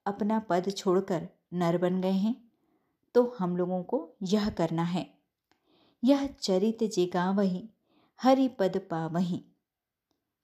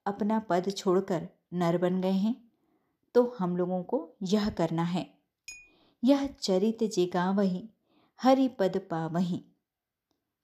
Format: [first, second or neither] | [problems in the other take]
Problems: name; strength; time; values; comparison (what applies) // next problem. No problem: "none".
first | clattering dishes; faint; at 5.5 s; peak 15 dB below the speech